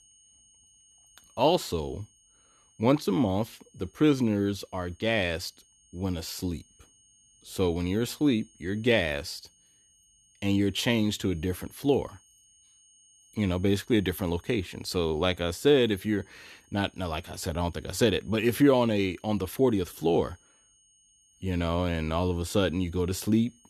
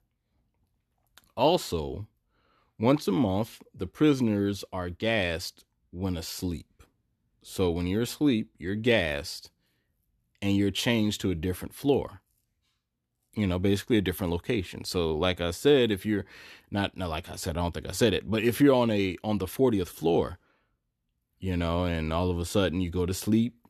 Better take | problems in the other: second | high-pitched whine; faint; throughout; 6.5 kHz, 30 dB below the speech

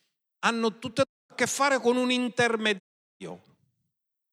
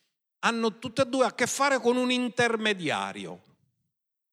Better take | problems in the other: second | audio cutting out; at 1 s and at 3 s

